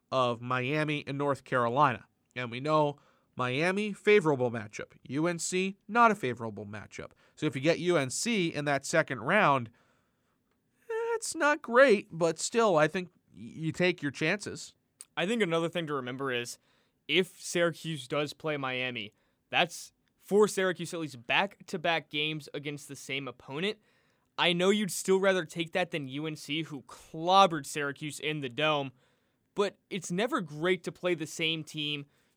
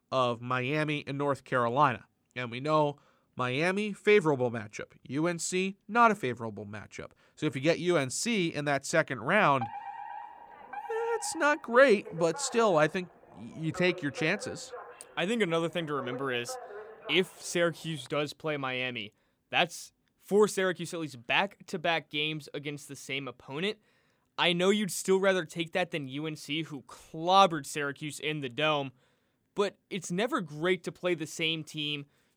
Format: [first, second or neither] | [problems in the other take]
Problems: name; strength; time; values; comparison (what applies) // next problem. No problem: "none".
first | alarm; noticeable; from 9.5 to 18 s; peak 10 dB below the speech